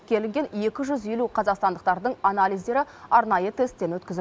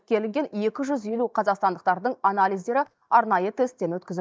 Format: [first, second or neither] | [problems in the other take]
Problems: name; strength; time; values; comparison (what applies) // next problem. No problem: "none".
first | noise reduction (neural mask model DeepFilterNet 3)